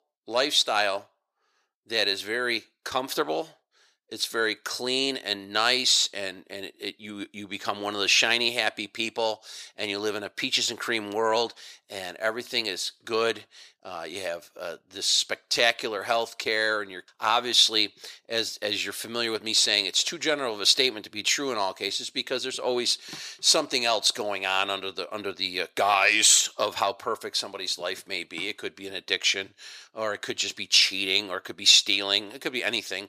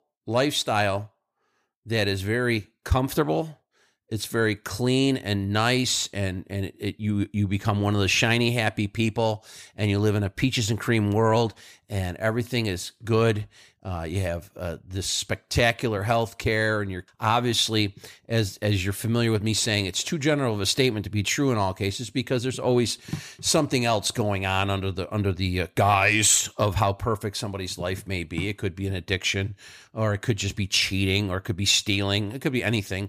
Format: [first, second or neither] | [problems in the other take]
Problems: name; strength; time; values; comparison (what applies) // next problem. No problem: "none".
second | thin; very; fading below 450 Hz